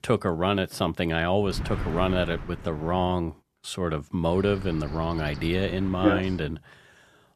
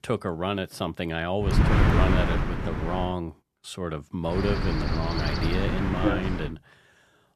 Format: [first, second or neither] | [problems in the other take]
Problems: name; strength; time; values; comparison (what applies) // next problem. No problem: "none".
first | wind noise on the microphone; heavy; from 1.5 to 3 s and from 4.5 to 6.5 s; as loud as the speech; occasional gusts in the first